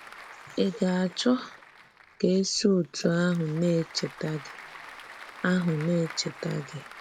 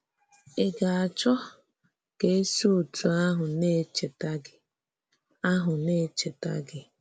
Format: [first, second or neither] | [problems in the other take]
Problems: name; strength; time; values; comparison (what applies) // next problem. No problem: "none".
second | background sound (Applause / Crowd); 18 dB below the speech